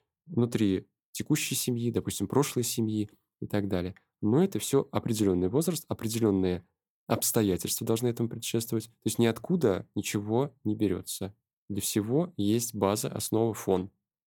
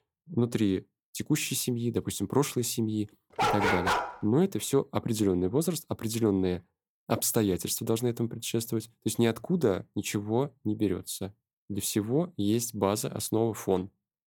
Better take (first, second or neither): first